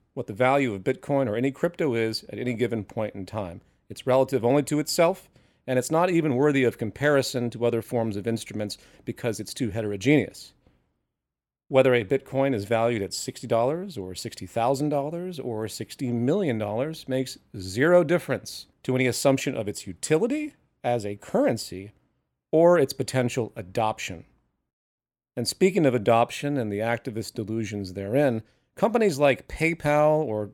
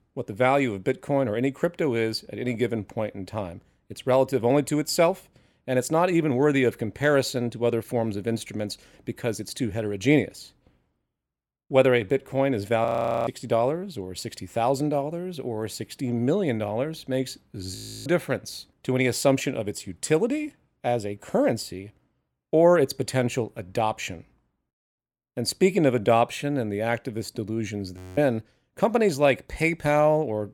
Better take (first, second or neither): first